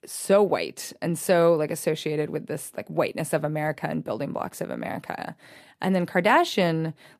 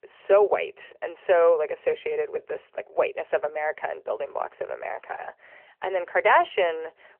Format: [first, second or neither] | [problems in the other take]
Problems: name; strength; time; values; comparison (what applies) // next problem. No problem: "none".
first | phone-call audio; nothing above 3 kHz